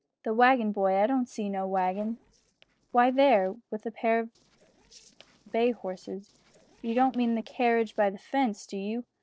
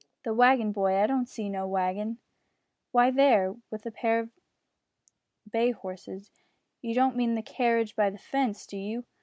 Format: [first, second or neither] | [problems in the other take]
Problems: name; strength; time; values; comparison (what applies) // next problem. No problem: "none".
second | noise reduction (neural separator model SepFormer DNS4)